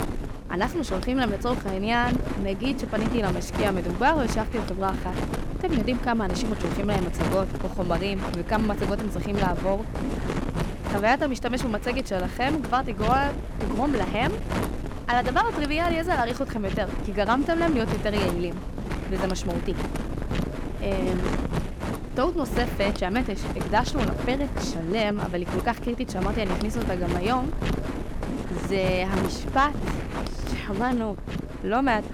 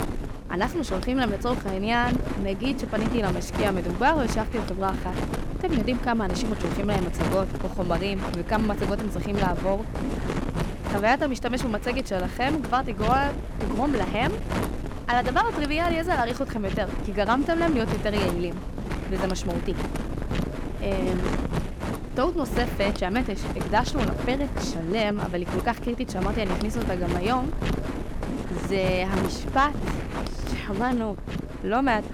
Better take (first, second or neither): neither